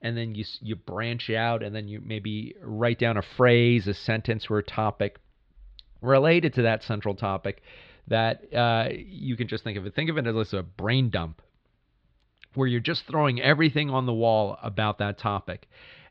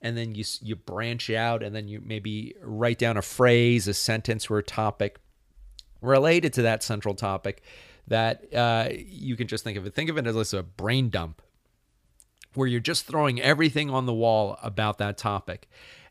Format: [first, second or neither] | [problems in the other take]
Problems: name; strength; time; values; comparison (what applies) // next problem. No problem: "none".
second | muffled; very slightly; fading above 4 kHz